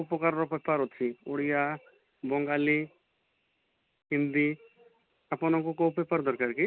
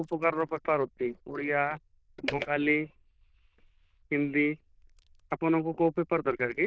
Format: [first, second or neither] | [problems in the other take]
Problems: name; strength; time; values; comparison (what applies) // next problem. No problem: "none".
first | noise reduction (neural diffusion model UNIVERSE++)